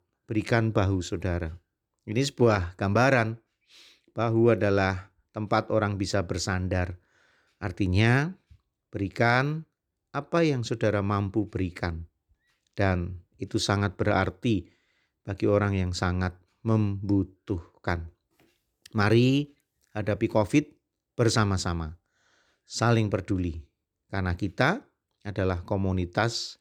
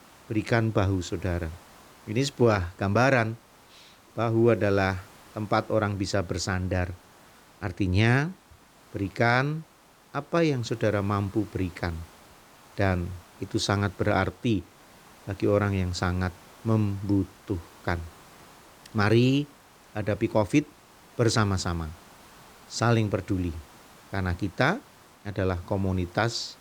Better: first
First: none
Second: hiss; faint; throughout; 25 dB below the speech

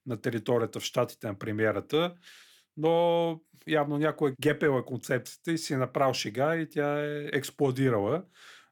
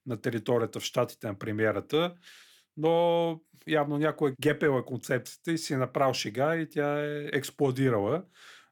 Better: neither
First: none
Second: none

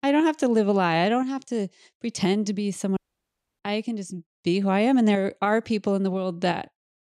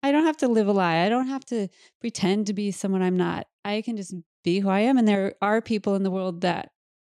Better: second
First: audio cutting out; at 3 s for 0.5 s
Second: none

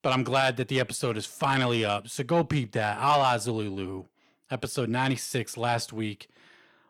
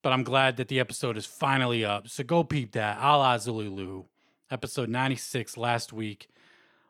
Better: second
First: distortion; slight; 10 dB below the speech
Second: none

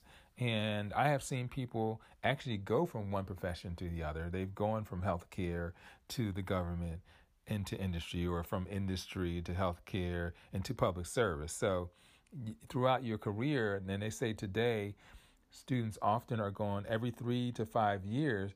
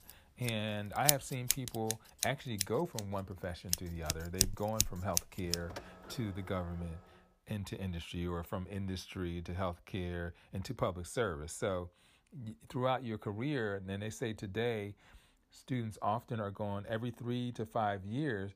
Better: first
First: none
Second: household noises; very loud; until 7 s; 3 dB above the speech

